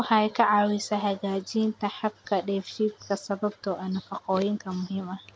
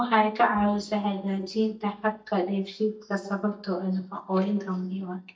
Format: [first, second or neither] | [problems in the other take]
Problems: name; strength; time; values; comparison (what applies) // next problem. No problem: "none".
first | noise reduction (neural mask model DeepFilterNet 3)